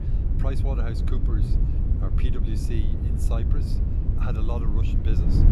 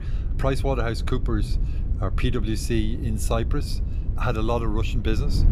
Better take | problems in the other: second | wind noise on the microphone; heavy; as loud as the speech; occasional gusts in the second

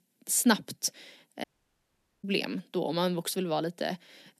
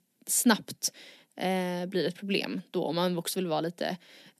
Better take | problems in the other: second | audio cutting out; at 1.5 s for 1 s

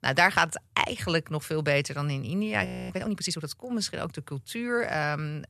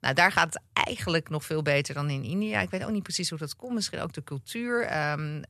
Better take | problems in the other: second | audio freezing; at 2.5 s

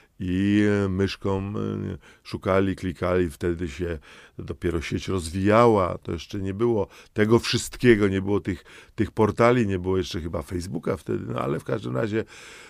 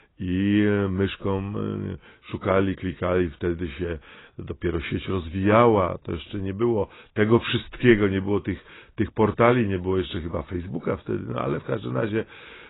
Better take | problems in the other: first | garbled, watery; badly; nothing above 4 kHz

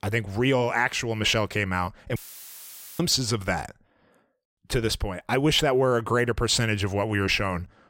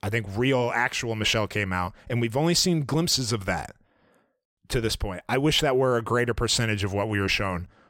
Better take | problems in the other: second | audio cutting out; filled with static; at 2 s for 1 s

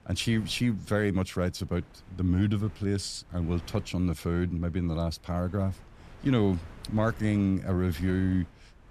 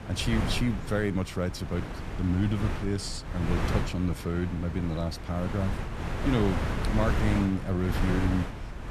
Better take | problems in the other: first | wind noise on the microphone; heavy; 3 dB below the speech; occasional gusts in the first

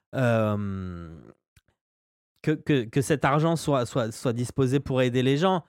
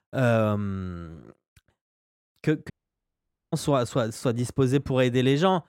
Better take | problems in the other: first | audio cutting out; at 2.5 s for 1 s

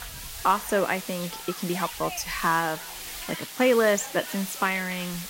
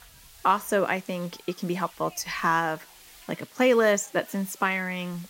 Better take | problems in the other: second | hiss; loud; throughout; 9 dB below the speech; faint in the second

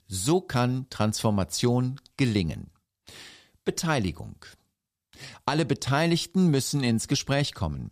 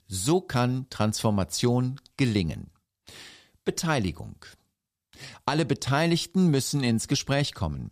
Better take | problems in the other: neither | none

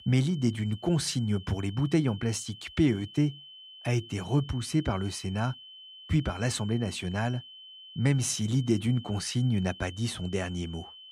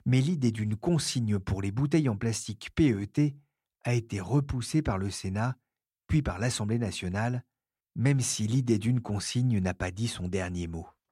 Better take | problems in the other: second | high-pitched whine; noticeable; throughout; 3 kHz, 15 dB below the speech

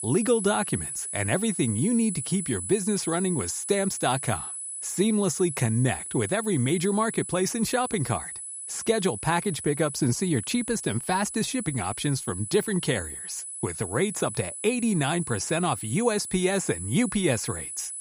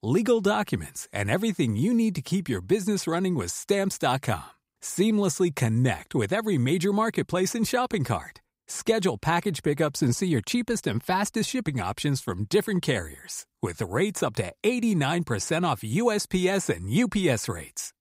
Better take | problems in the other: second | high-pitched whine; loud; throughout; 10 kHz, 6 dB below the speech

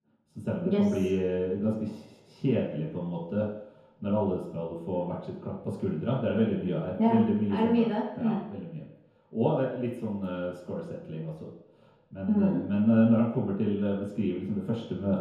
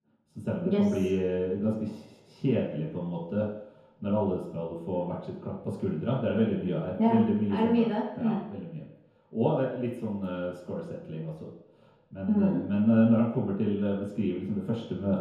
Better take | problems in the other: neither | room echo; noticeable; dies away in 3 s; the same in both // off-mic speech; far; the same in both

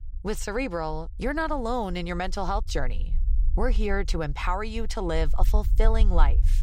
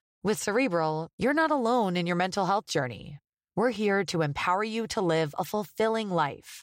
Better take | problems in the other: second | low rumble; faint; throughout; 20 dB below the speech

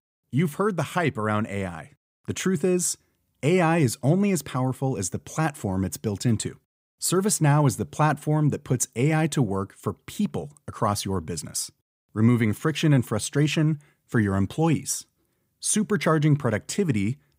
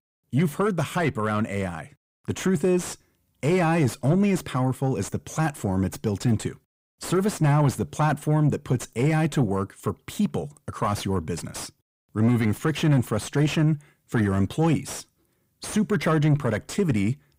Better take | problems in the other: first | distortion; slight; 10 dB below the speech

